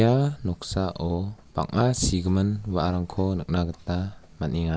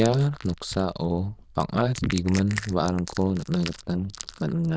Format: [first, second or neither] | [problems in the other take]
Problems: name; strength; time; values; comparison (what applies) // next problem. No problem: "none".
first | noise reduction (neural diffusion model UNIVERSE++)